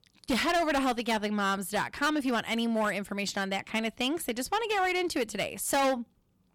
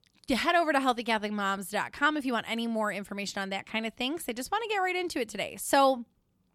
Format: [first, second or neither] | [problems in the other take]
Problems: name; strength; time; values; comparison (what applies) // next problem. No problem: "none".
second | distortion; heavy; 10% of the sound clipped